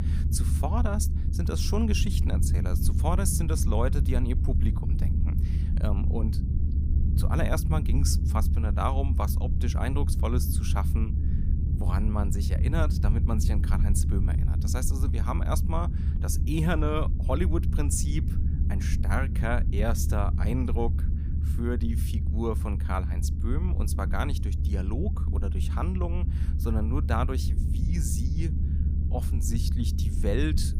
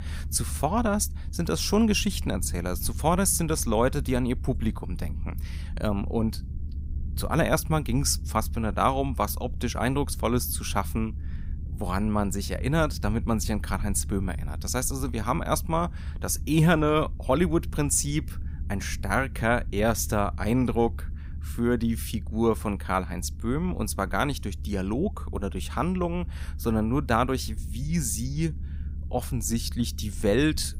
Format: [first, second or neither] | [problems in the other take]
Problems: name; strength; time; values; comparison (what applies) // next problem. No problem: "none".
second | low rumble; loud; throughout; 8 dB below the speech; faint in the second